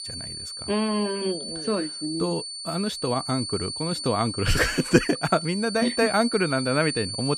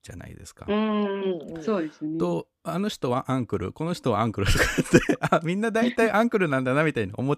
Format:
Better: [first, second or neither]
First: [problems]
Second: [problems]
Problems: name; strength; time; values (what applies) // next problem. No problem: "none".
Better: second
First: high-pitched whine; loud; throughout; 4.5 kHz, 6 dB below the speech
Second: none